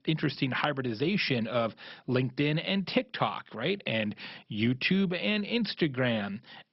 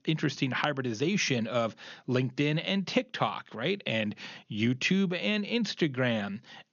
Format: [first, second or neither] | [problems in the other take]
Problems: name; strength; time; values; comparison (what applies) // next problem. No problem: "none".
second | garbled, watery; badly; nothing above 5.5 kHz; slightly in the second